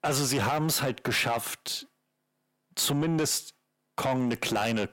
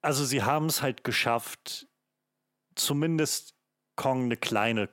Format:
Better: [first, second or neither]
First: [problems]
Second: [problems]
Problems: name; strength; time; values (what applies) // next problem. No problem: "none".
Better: second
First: distortion; heavy; 8 dB below the speech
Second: none